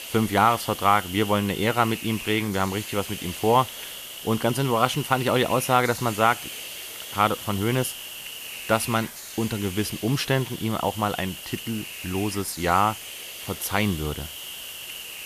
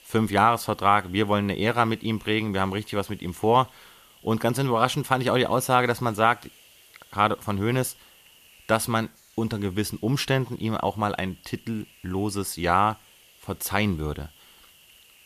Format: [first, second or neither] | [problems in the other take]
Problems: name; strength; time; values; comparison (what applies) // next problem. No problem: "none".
second | hiss; loud; throughout; 10 dB below the speech; faint in the second